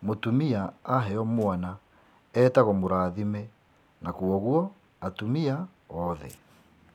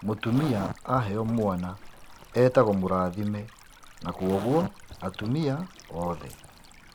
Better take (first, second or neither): first